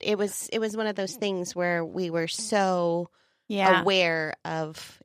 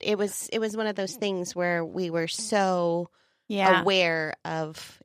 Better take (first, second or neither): neither